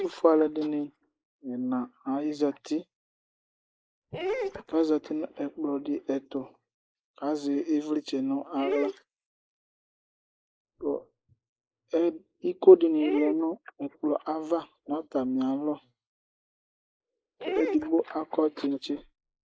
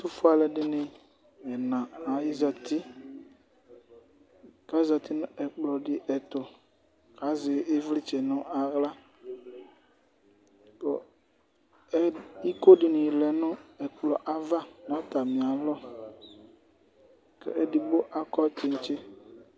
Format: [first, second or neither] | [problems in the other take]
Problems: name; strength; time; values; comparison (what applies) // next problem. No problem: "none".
second | noise reduction (neural mask model Resemble Enhance denoiser)